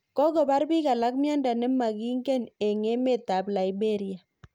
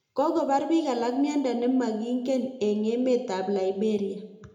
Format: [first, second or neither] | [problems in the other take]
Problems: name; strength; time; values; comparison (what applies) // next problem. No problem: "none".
first | room echo; dies away in 0.6 s